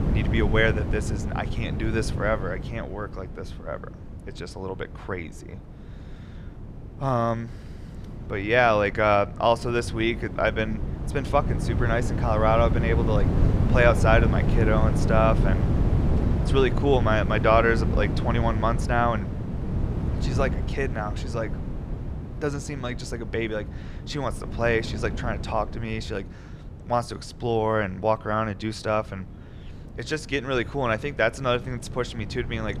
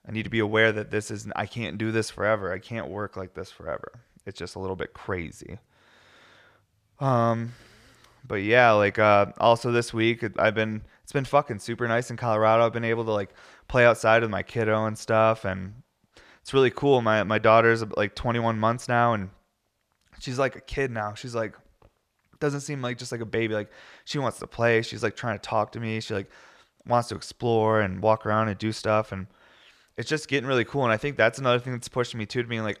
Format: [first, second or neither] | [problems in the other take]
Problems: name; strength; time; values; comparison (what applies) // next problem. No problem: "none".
second | wind noise on the microphone; occasional gusts; 10 dB below the speech